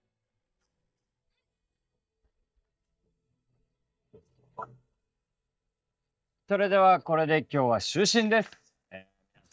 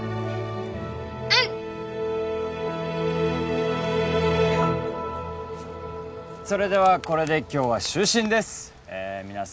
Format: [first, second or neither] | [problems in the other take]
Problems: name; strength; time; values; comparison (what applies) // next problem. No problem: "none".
second | noise reduction (neural mask model DeepFilterNet 3)